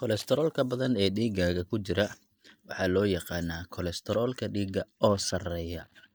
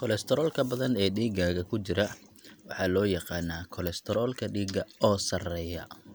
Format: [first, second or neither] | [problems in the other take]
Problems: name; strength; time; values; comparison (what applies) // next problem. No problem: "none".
second | noise reduction (neural mask model DeepFilterNet 3)